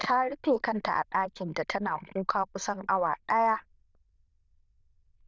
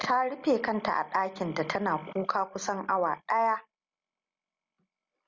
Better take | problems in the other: second | noise reduction (neural diffusion model UNIVERSE++)

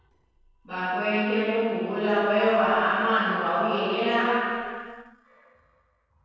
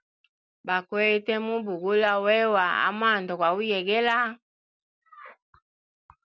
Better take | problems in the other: second | noise reduction (neural separator model SepFormer DNS4)

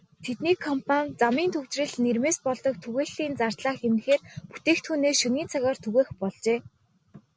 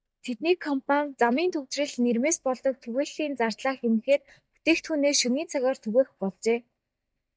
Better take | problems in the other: first | noise reduction (neural mask model DeepFilterNet 3)

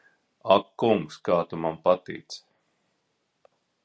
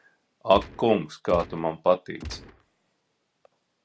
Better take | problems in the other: first | background sound (Gunshot, gunfire); 14 dB below the speech

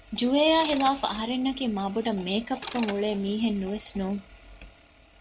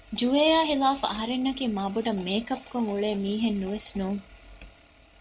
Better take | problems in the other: second | background sound (Mechanisms); 17 dB below the speech

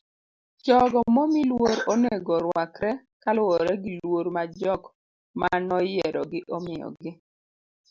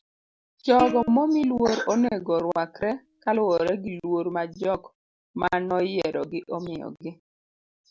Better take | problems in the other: first | background sound (Plucked string instrument); 13 dB below the speech

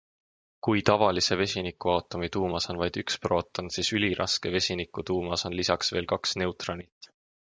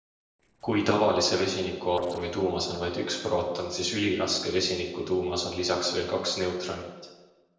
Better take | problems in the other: first | noise reduction (neural separator model SepFormer DNS4)

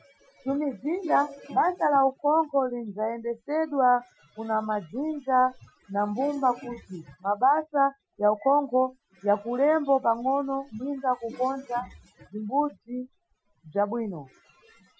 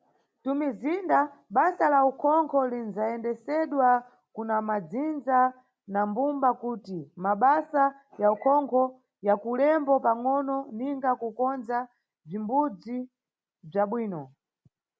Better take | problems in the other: second | noise reduction (classical method Wiener filter)

